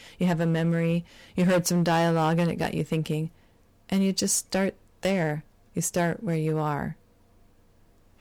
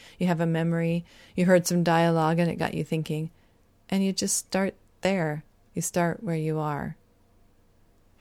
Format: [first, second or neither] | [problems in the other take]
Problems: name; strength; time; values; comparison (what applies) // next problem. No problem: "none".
second | distortion; slight; 5% of the sound clipped